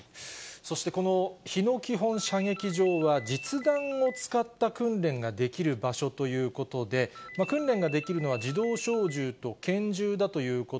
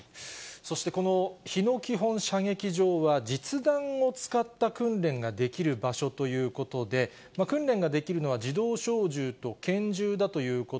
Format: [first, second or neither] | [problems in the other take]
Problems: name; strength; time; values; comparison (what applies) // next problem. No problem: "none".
second | background sound (Ringtone); 15 dB below the speech